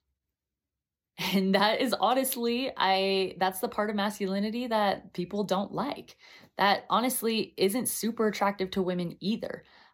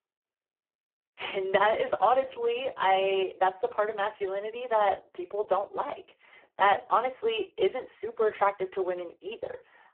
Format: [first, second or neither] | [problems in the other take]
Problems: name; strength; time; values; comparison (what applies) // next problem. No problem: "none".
first | phone-call audio; poor line